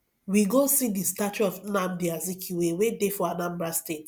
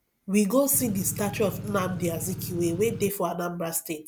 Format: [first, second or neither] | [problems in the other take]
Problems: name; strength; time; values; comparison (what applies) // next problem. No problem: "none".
first | background sound (Engine / Truck / Car); 8 dB below the speech